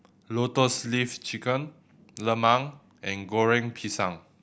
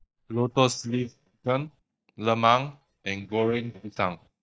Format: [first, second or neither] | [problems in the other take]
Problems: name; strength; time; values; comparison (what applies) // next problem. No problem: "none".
first | noise reduction (neural mask model DeepFilterNet 3)